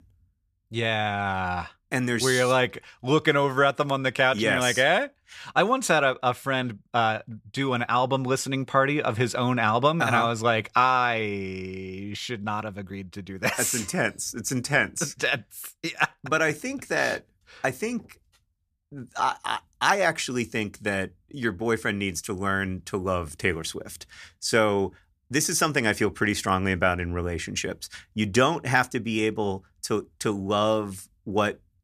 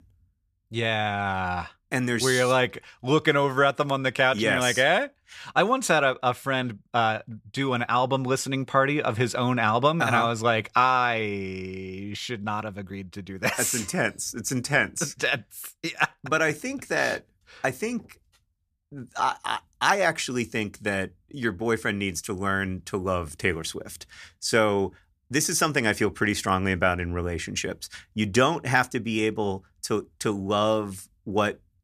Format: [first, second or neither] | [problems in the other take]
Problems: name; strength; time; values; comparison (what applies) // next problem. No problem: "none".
neither | none